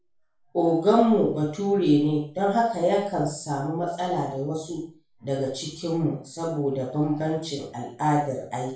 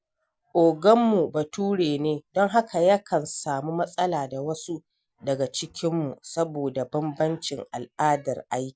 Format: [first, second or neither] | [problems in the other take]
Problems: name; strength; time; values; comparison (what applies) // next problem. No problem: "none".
second | room echo; dies away in 0.4 s